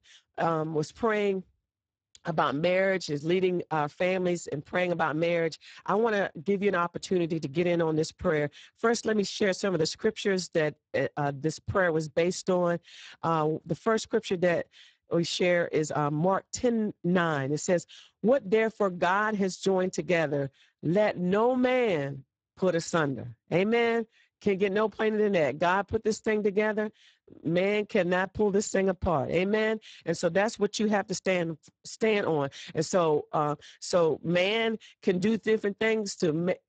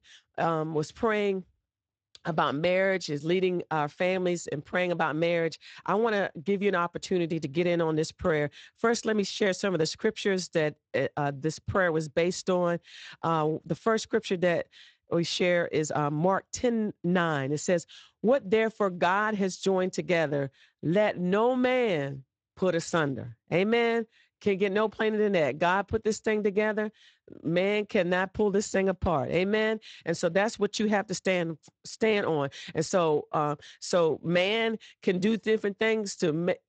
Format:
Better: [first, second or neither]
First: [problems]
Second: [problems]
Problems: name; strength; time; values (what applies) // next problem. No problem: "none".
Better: second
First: garbled, watery; badly; nothing above 7.5 kHz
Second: garbled, watery; slightly; nothing above 7.5 kHz